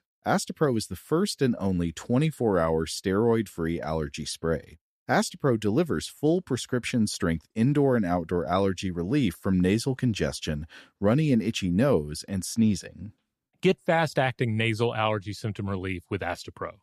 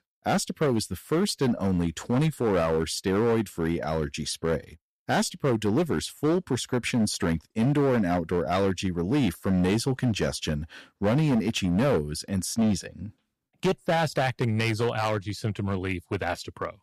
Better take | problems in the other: first | distortion; slight; 11% of the sound clipped

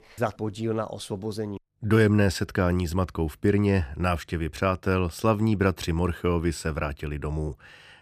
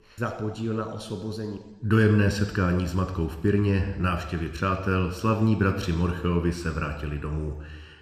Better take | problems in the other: first | room echo; slight; dies away in 1.1 s

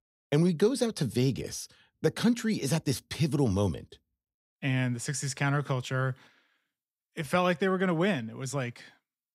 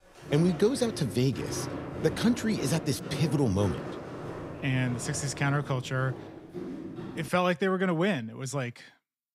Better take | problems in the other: first | footsteps; noticeable; until 7.5 s; peak 7 dB below the speech

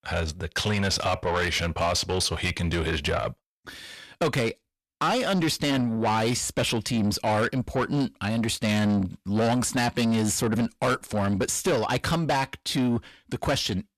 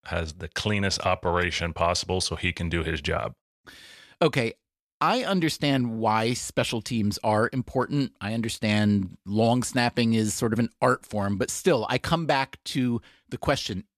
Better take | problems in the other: second | distortion; heavy; 8 dB below the speech

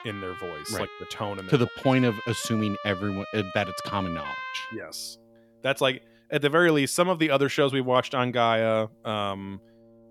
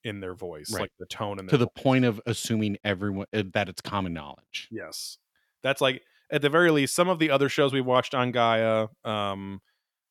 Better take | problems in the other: second | background music; noticeable; throughout; 10 dB below the speech

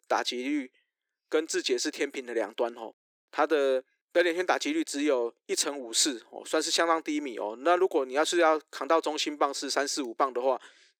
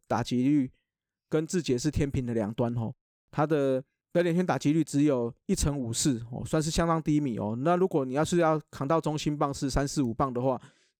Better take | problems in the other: second | thin; somewhat; fading below 350 Hz

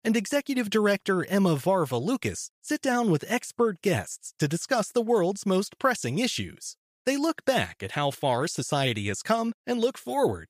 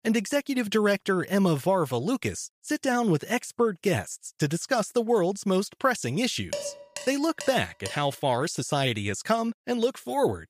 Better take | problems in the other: first | clattering dishes; noticeable; from 6.5 to 8 s; peak 8 dB below the speech

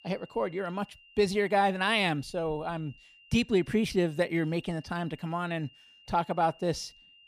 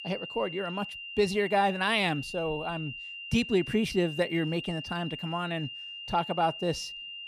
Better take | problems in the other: first | high-pitched whine; loud; throughout; 3 kHz, 9 dB below the speech; faint in the first

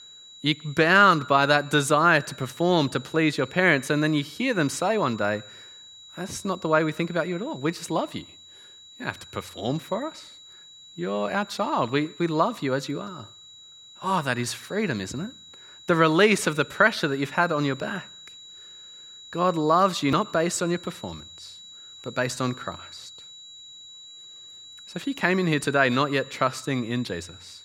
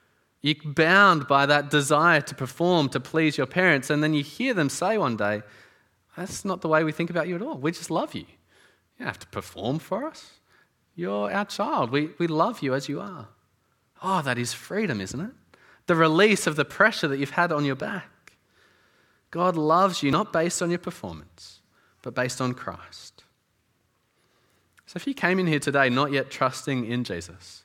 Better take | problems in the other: second | high-pitched whine; noticeable; throughout; 4 kHz, 20 dB below the speech

